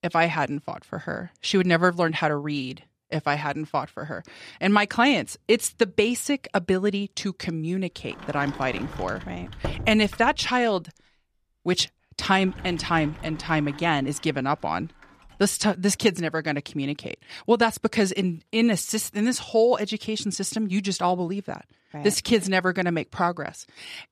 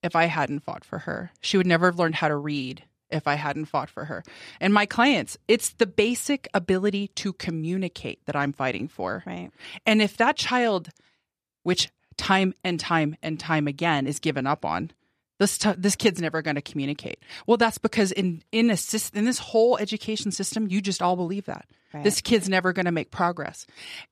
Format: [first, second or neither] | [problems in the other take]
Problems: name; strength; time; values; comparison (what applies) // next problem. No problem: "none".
second | door banging; noticeable; from 8 to 14 s; peak 8 dB below the speech